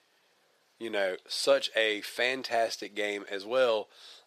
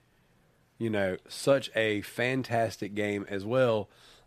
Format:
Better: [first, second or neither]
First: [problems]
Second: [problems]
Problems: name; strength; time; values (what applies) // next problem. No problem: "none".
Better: second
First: thin; somewhat; fading below 500 Hz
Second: none